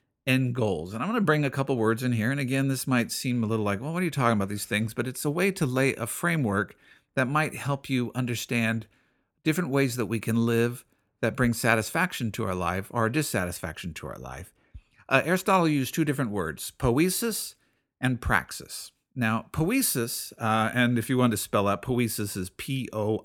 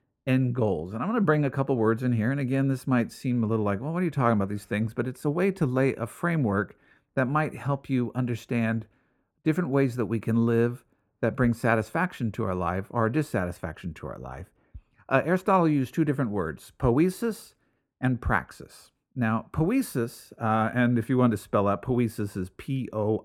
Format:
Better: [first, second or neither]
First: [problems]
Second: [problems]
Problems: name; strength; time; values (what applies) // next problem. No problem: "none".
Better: first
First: none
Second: muffled; slightly; fading above 2 kHz